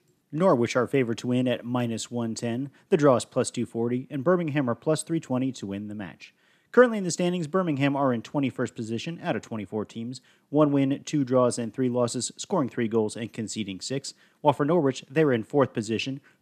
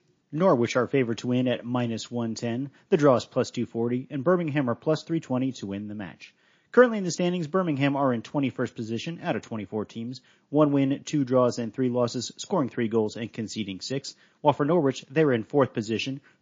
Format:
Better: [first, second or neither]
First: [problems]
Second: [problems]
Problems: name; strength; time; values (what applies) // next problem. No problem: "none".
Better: first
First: none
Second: garbled, watery; slightly